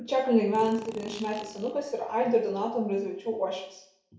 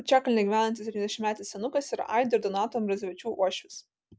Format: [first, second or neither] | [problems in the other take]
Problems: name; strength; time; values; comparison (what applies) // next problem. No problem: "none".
second | background sound (Fart); 18 dB below the speech // room echo; dies away in 0.6 s